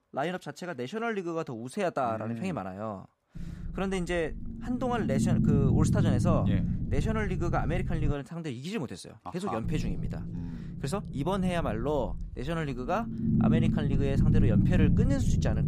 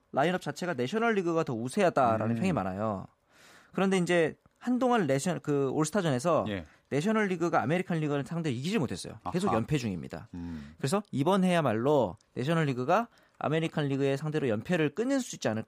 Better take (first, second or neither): second